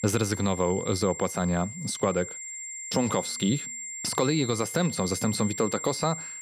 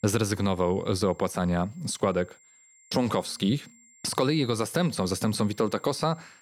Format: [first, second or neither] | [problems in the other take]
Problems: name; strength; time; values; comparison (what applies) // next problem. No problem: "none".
second | high-pitched whine; loud; throughout; 7.5 kHz, 8 dB below the speech; faint in the second